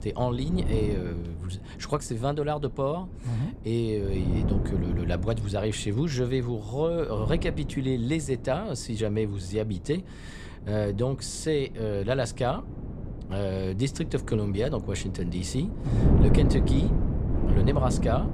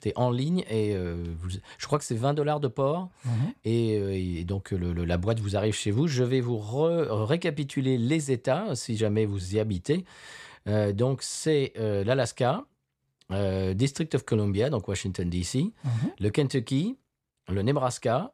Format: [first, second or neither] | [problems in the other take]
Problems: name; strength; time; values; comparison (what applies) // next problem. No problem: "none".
second | wind noise on the microphone; heavy; 7 dB below the speech